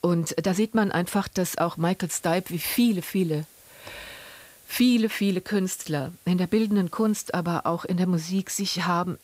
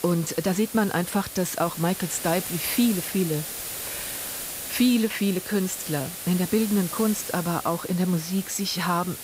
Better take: first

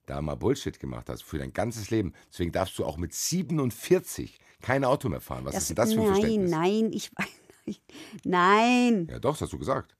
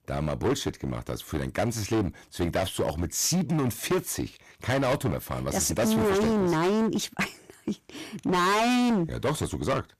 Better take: first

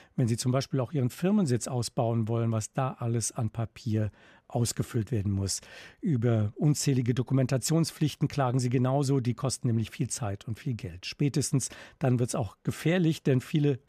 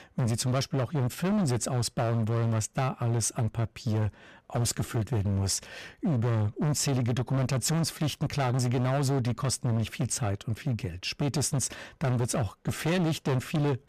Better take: first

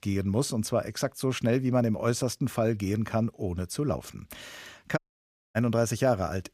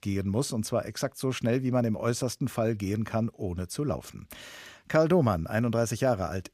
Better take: second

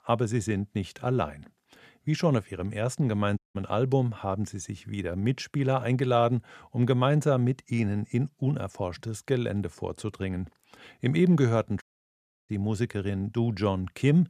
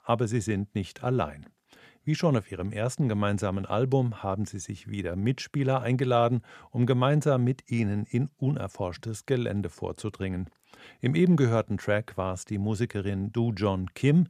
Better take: second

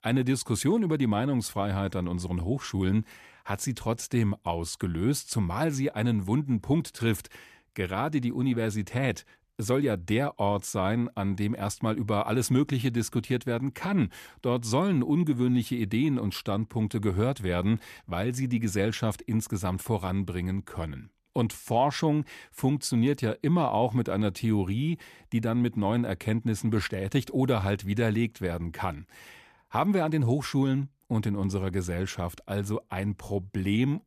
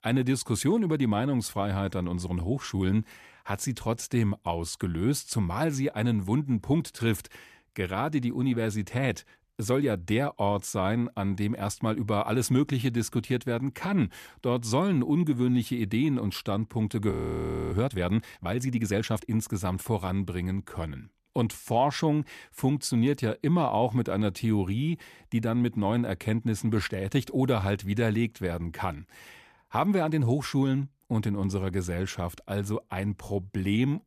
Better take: first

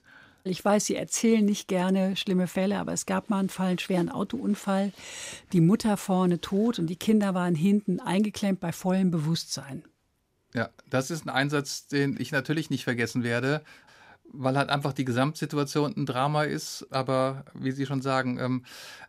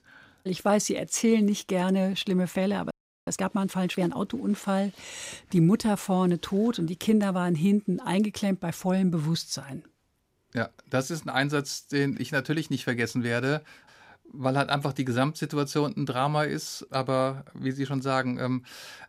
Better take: first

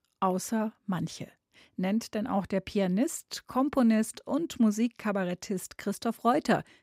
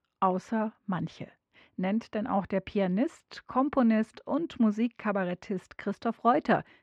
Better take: first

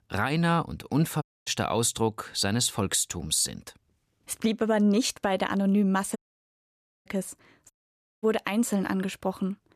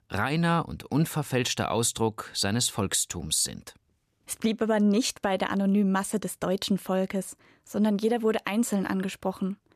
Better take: second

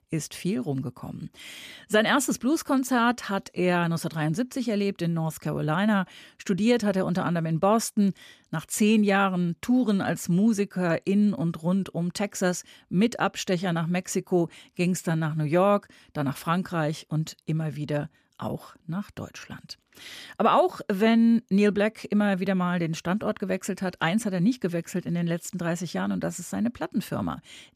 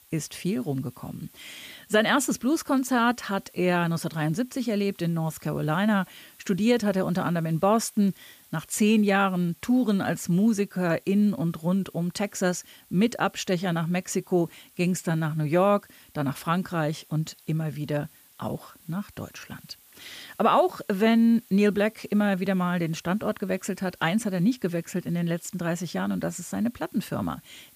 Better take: first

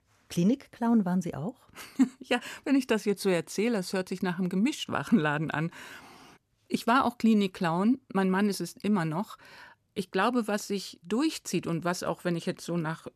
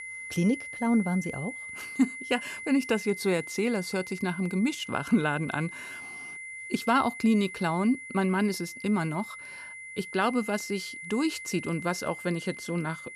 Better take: first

